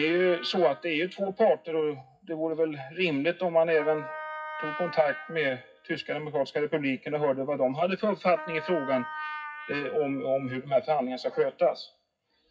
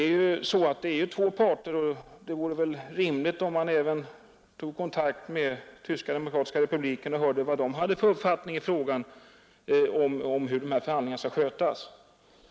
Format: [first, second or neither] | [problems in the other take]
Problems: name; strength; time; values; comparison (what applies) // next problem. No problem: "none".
second | noise reduction (classical method WPE with log-MMSE)